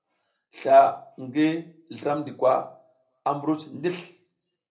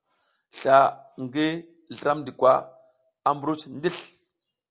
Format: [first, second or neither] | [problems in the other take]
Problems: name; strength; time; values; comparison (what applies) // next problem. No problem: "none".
second | room echo; dies away in 0.3 s